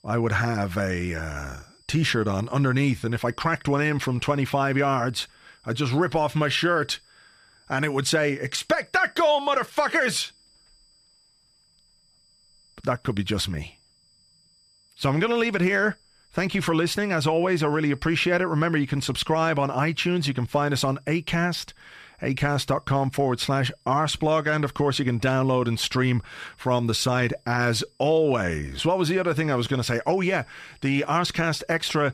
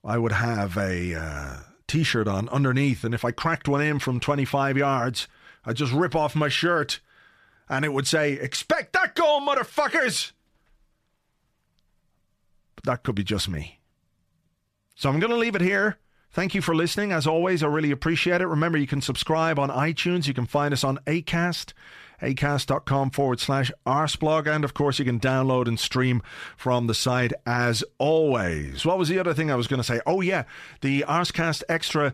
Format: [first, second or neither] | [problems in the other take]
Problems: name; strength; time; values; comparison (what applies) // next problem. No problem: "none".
second | high-pitched whine; faint; throughout; 5 kHz, 35 dB below the speech